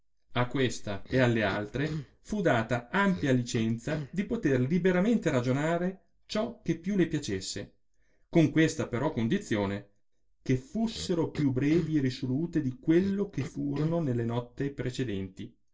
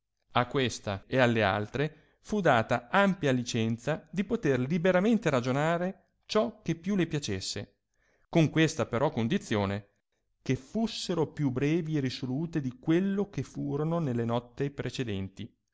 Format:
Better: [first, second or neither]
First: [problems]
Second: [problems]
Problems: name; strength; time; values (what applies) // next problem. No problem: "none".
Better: second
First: noise reduction (neural separator model SepFormer DNS4)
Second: none